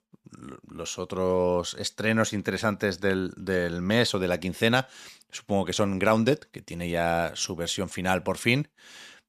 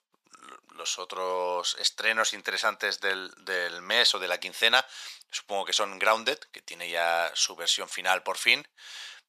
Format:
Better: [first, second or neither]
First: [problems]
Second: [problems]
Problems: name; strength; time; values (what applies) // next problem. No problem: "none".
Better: first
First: none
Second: thin; very; fading below 850 Hz